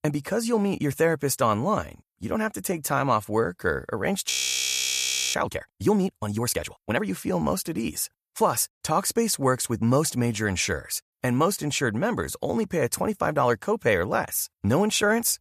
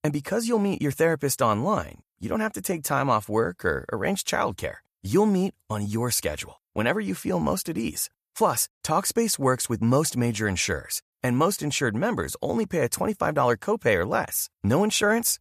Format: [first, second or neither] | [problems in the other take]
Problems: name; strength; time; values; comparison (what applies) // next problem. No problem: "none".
second | audio freezing; at 4.5 s for 1 s